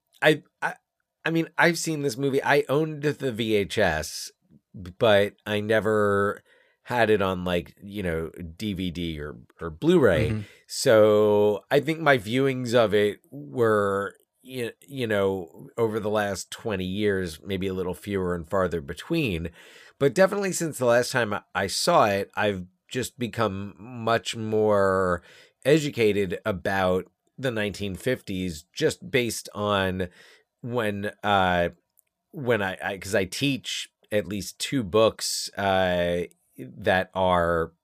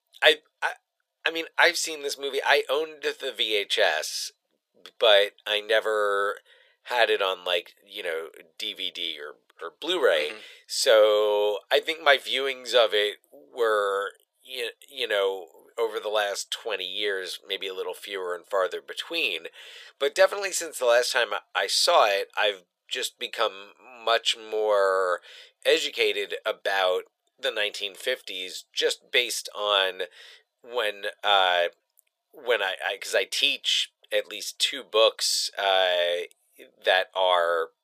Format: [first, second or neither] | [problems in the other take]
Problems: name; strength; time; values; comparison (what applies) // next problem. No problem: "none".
first | thin; very; fading below 500 Hz